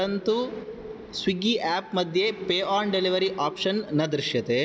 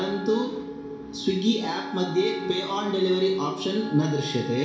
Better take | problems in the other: first | background sound (Wind instrument, woodwind instrument); 12 dB below the speech // room echo; dies away in 0.7 s

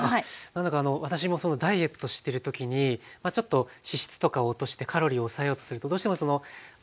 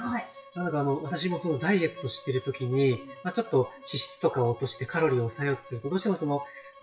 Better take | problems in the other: first | noise reduction (classical method WPE with log-MMSE)

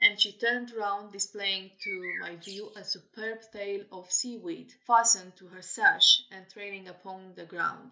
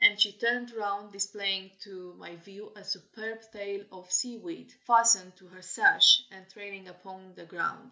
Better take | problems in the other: second | noise reduction (neural mask model Resemble Enhance denoiser)

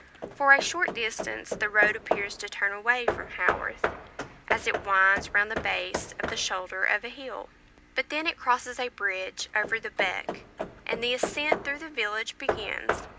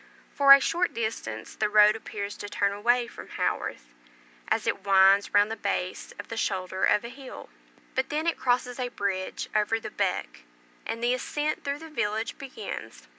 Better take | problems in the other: second | background sound (Hammer / Wood); 6 dB below the speech

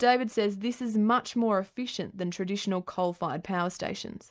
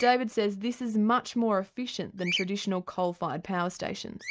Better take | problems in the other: first | background sound (Bird vocalization, bird call, bird song); 13 dB below the speech

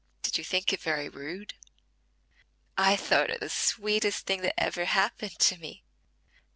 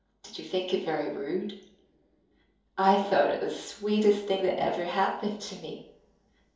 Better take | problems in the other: first | room echo; dies away in 2.8 s

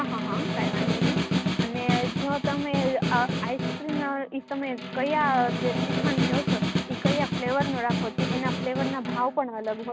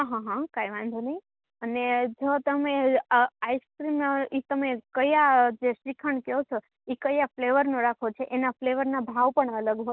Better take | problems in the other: second | background sound (Snare drum); 1 dB above the speech

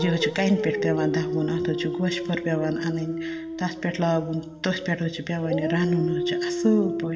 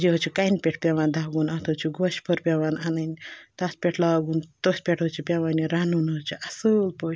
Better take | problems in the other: second | background sound (Dog); 4 dB below the speech // room echo; dies away in 1 s

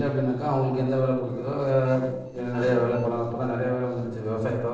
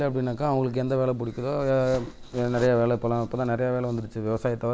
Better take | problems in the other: second | noise reduction (neural separator model SepFormer DNS4)

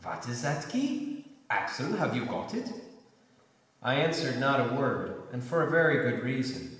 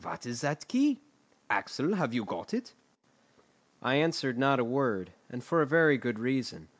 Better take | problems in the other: second | room echo; dies away in 1.2 s

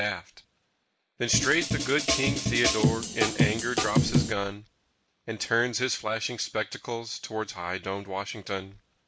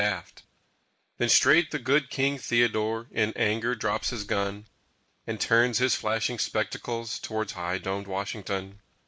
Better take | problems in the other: second | background sound (Drum kit); 4 dB above the speech

